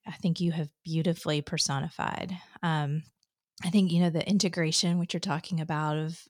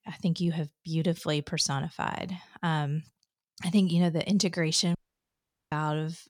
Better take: first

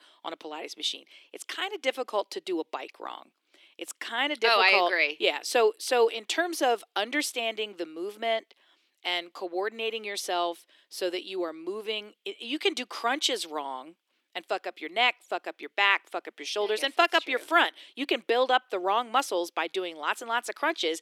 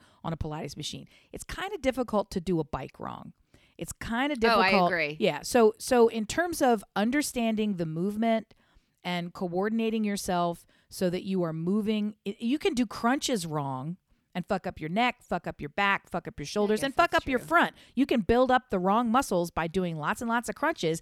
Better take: second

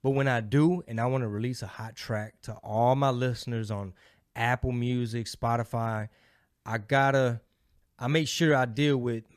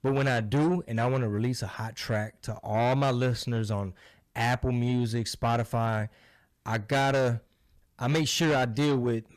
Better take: first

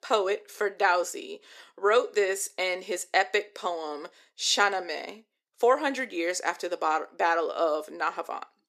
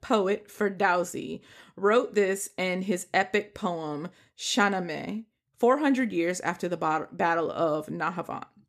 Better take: second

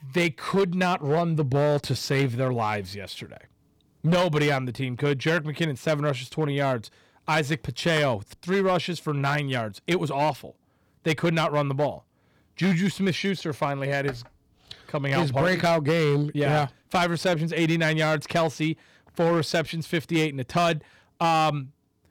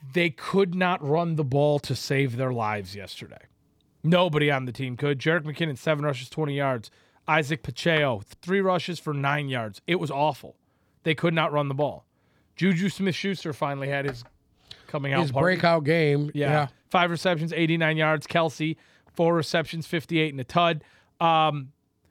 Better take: second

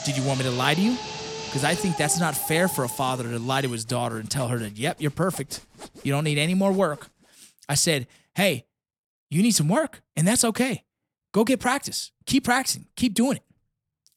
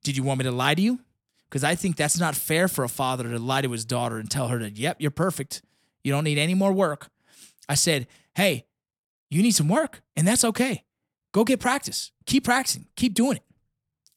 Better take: second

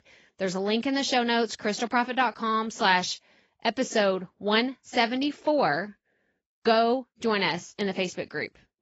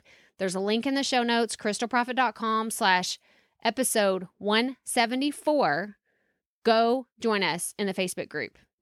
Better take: second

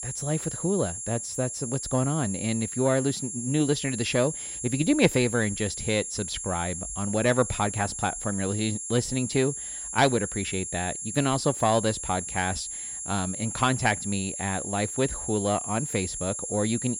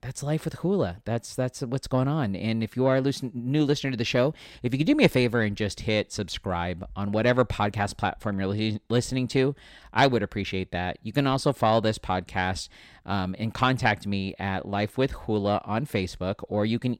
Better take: second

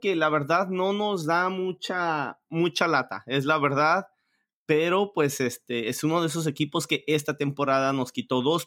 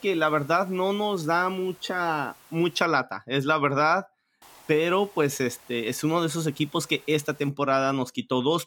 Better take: first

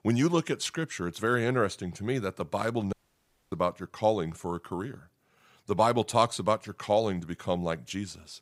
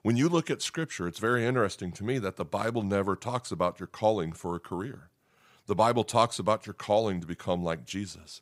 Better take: second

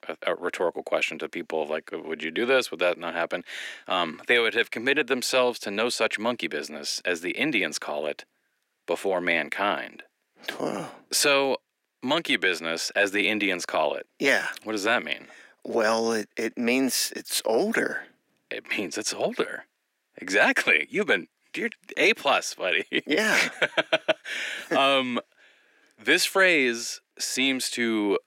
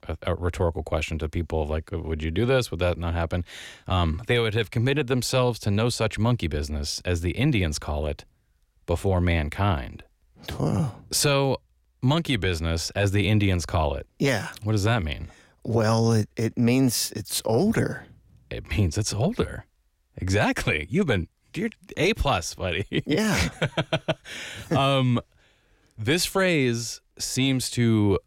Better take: second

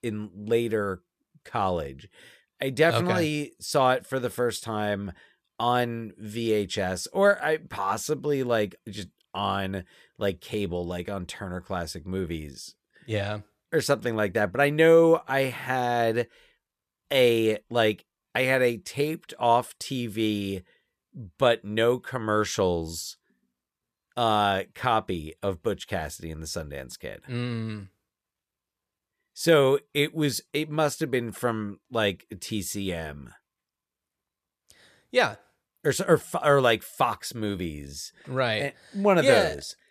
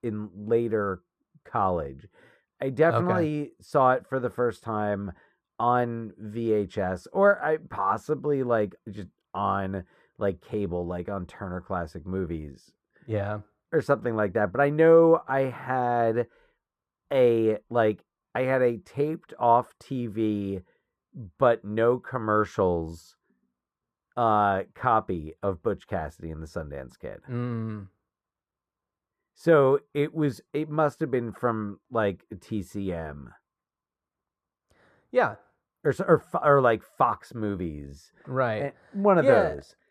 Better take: first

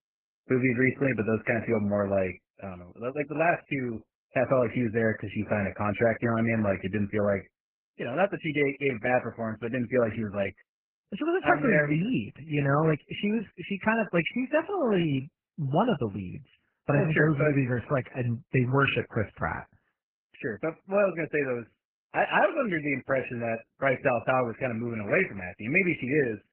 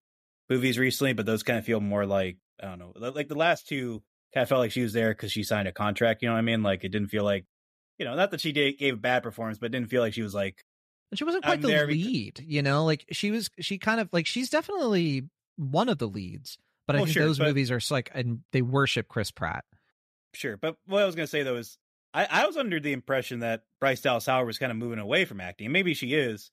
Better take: second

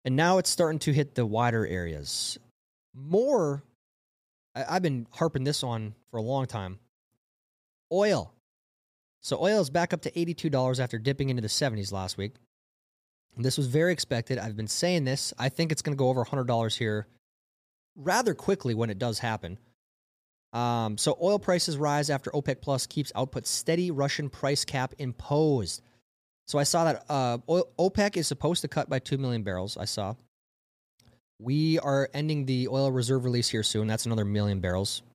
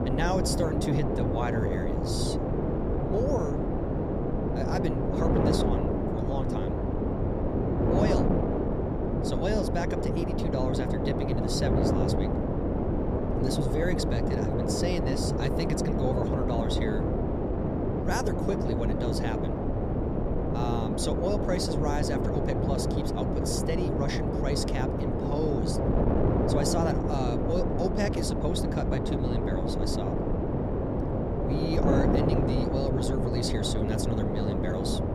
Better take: first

